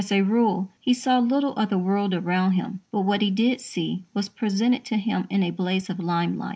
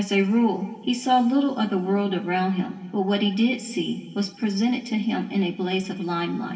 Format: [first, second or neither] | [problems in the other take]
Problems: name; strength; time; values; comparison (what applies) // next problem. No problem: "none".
first | room echo; dies away in 2 s